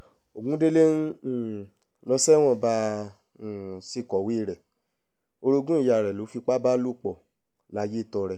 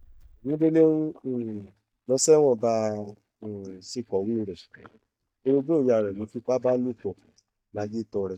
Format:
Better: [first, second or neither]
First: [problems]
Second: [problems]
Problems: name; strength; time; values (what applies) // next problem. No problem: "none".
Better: first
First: none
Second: noise reduction (neural mask model DeepFilterNet 3)